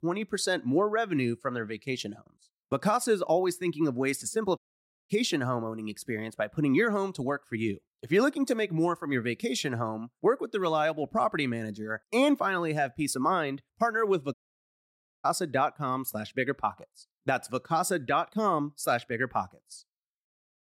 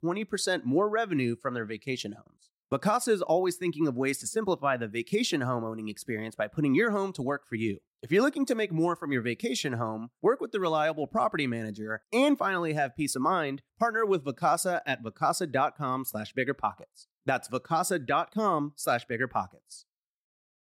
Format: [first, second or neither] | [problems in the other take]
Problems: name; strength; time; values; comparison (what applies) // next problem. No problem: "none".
second | audio cutting out; at 4.5 s for 0.5 s and at 14 s for 1 s